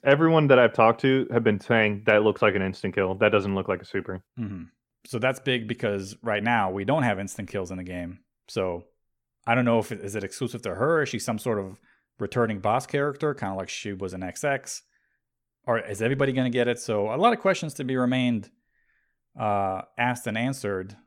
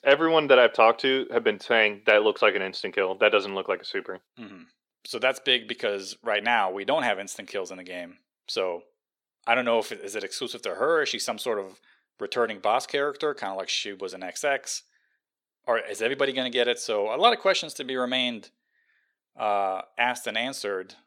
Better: first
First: none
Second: thin; somewhat; fading below 450 Hz

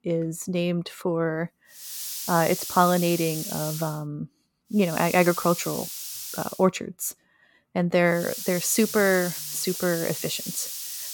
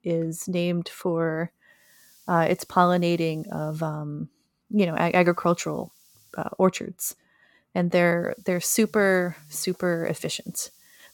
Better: second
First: hiss; loud; from 2 to 4 s, from 5 to 6.5 s and from 8 s on; 7 dB below the speech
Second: hiss; faint; from 2 to 4 s, from 5 to 6.5 s and from 8 s on; 30 dB below the speech

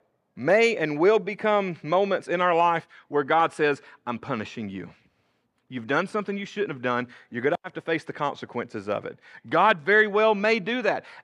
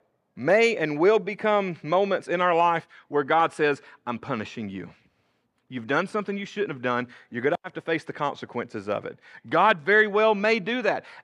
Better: neither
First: none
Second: none

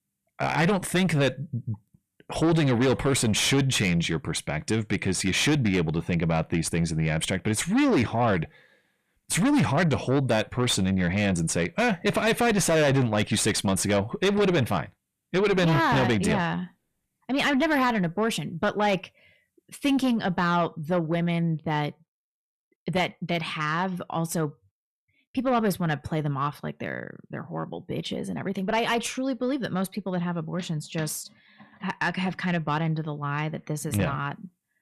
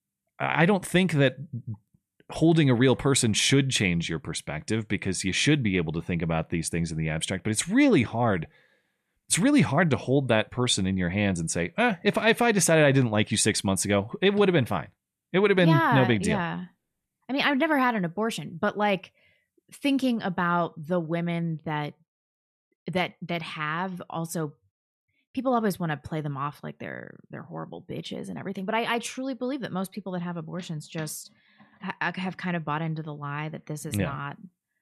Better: second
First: distortion; heavy; 7 dB below the speech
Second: none

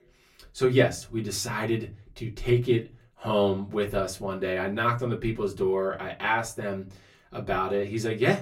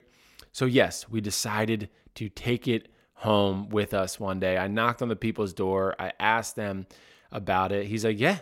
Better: second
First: off-mic speech; far // room echo; very slight; dies away in 0.2 s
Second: none

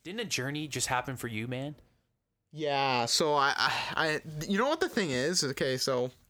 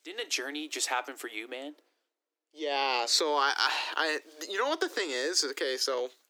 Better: first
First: none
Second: thin; somewhat; fading below 300 Hz

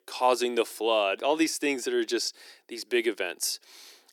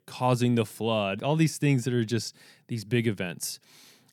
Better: second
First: thin; very; fading below 350 Hz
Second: none

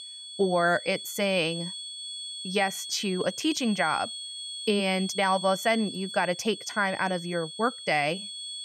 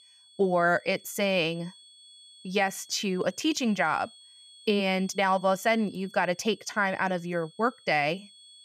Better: second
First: high-pitched whine; loud; throughout; 3.5 kHz, 9 dB below the speech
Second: high-pitched whine; faint; throughout; 3.5 kHz, 25 dB below the speech

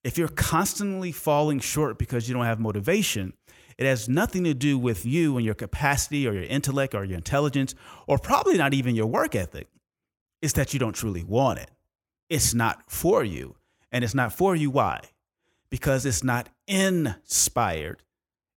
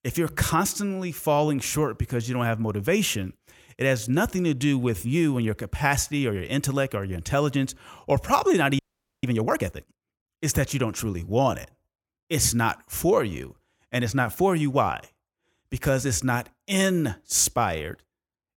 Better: first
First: none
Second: audio freezing; at 9 s

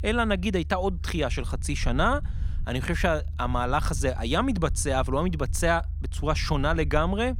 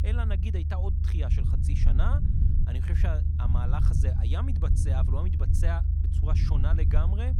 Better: first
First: low rumble; faint; throughout; 25 dB below the speech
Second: low rumble; loud; throughout; 2 dB below the speech

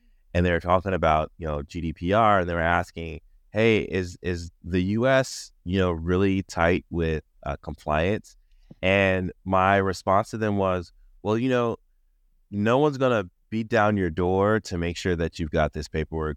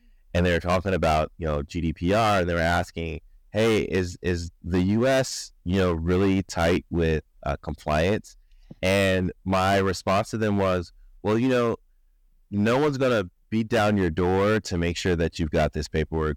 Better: first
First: none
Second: distortion; heavy; 11% of the sound clipped

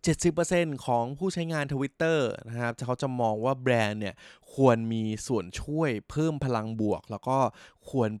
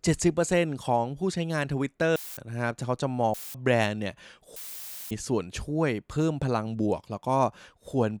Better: first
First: none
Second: audio cutting out; filled with static; at 2 s, at 3.5 s and at 4.5 s for 0.5 s

